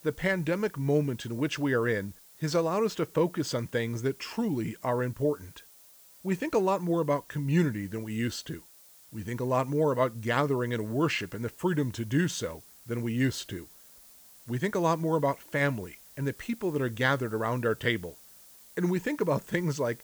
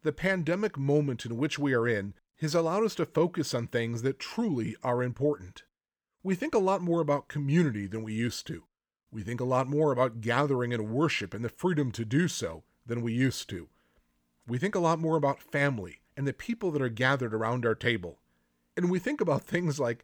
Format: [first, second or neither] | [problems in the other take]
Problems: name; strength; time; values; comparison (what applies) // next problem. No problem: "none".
second | hiss; faint; throughout; 20 dB below the speech